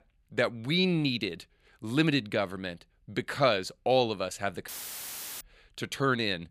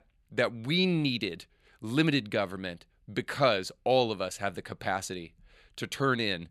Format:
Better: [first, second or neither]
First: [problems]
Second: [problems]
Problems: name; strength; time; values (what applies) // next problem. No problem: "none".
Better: second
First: audio cutting out; filled with static; at 4.5 s for 0.5 s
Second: none